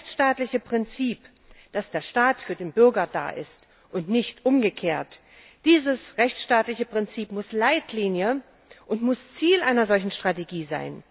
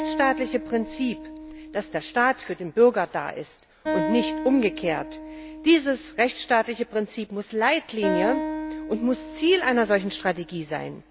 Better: first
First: none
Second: background sound (Acoustic guitar); 9 dB below the speech

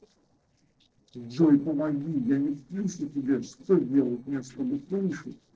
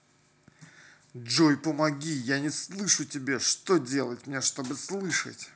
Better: second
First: noise reduction (neural separator model SepFormer DNS4)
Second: none

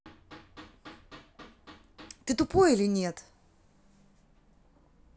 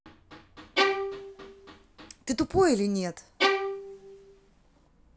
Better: first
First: none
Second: background sound (Bowed string instrument); 1 dB above the speech

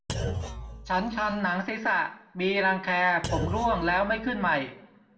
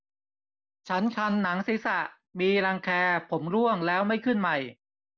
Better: second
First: background sound (Thump, thud); 8 dB below the speech // room echo; dies away in 0.4 s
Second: none

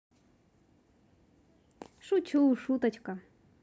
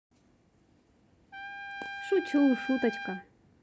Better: first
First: none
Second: background sound (Trumpet); 10 dB below the speech

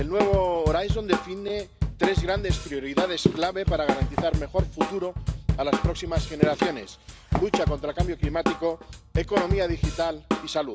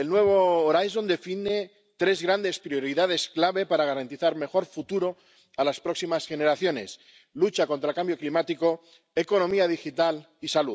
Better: second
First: background sound (Drum kit + Walk, footsteps); 1 dB above the speech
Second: none

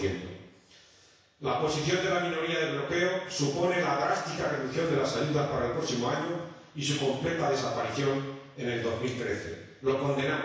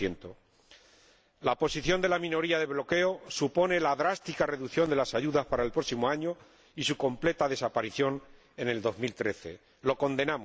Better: second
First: room echo; dies away in 1.1 s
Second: none

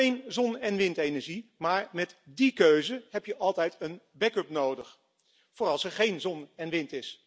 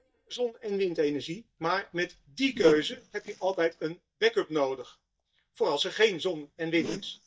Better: first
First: none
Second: noise reduction (neural mask model DeepFilterNet 3)

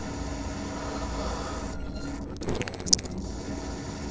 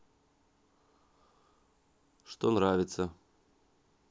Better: second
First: noise reduction (neural separator model SepFormer DNS4)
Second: none

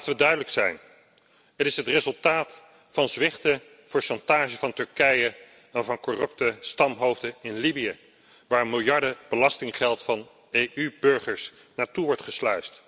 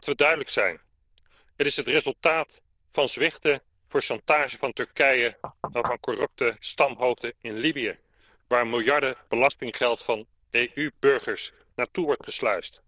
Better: first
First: none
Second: noise reduction (neural diffusion model UNIVERSE++)

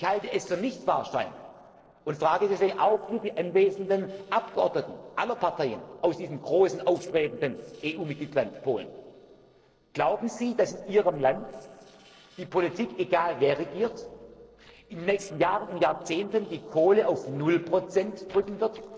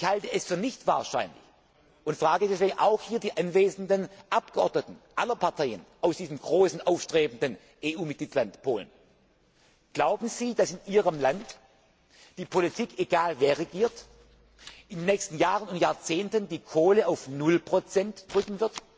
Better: second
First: noise reduction (neural separator model SepFormer DNS4)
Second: none

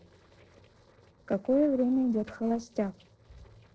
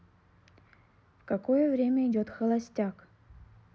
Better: second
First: noise reduction (neural separator model SepFormer DNS4)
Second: none

